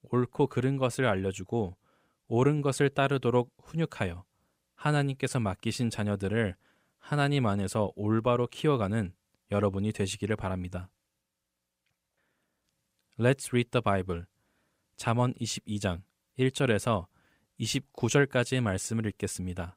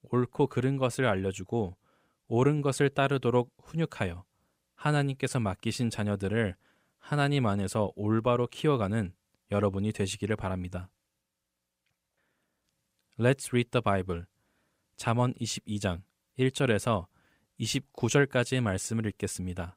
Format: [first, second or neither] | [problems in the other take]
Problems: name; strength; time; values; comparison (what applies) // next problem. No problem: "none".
neither | none